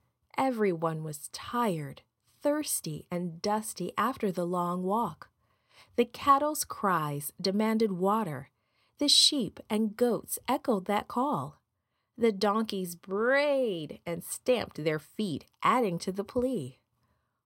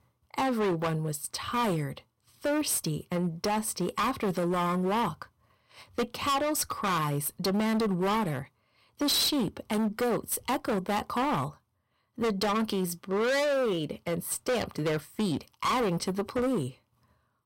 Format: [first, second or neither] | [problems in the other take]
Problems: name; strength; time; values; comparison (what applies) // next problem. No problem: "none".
first | distortion; heavy; 20% of the sound clipped